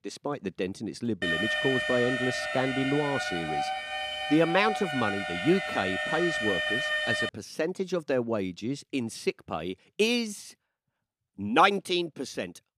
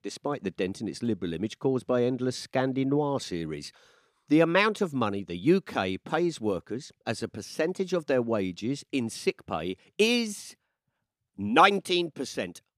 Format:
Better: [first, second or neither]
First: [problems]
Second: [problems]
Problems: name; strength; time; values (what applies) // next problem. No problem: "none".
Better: second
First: alarm; loud; from 1 to 7.5 s; peak 3 dB above the speech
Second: none